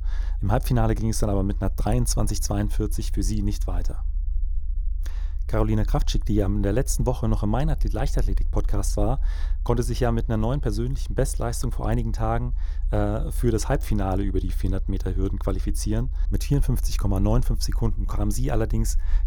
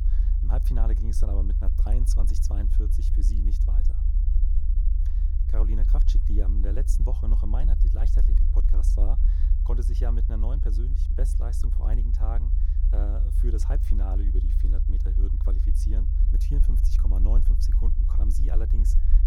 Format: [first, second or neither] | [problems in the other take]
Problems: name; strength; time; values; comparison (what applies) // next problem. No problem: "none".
first | low rumble; loud; throughout; 4 dB below the speech; faint in the first